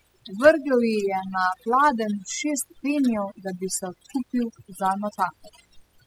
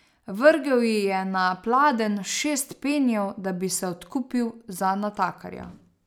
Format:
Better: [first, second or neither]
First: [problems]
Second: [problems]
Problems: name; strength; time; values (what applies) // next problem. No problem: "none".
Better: second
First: noise reduction (classical method spectral subtraction)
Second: none